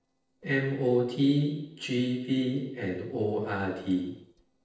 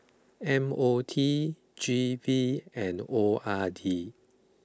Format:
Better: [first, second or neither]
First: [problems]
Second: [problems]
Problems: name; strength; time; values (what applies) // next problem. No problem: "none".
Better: second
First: noise reduction (neural separator model SepFormer DNS4)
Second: none